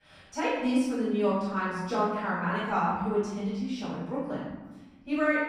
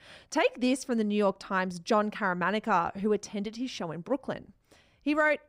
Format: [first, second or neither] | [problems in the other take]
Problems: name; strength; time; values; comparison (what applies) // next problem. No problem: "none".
second | off-mic speech; far // room echo; strong; dies away in 1.2 s